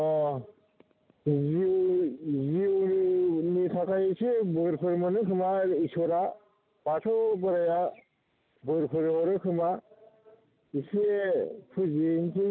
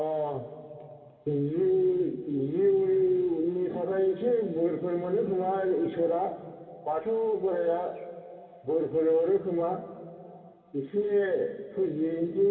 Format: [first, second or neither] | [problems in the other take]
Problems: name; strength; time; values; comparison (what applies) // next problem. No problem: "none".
first | room echo; dies away in 2.5 s